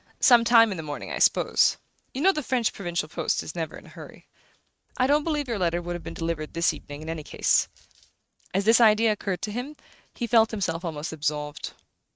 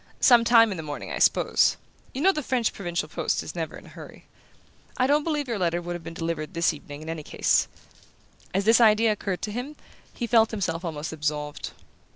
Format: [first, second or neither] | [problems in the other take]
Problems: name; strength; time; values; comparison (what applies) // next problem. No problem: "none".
second | noise reduction (neural mask model RNNoise)